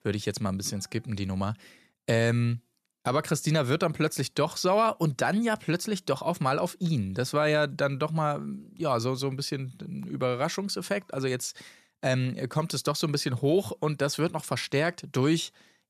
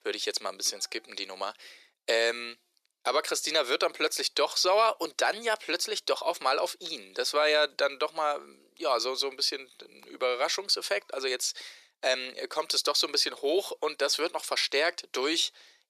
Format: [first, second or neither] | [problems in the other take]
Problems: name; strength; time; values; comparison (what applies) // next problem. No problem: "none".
first | thin; very; fading below 400 Hz